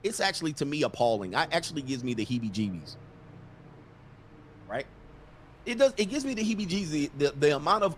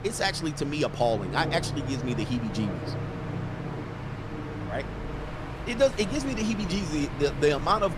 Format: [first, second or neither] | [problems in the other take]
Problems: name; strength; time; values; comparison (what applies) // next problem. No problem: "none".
first | train or aircraft noise; loud; throughout; 7 dB below the speech; faint in the first